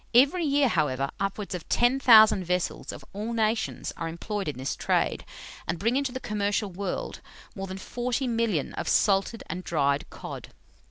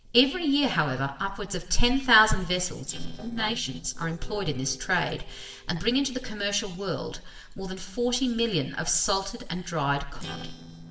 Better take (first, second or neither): first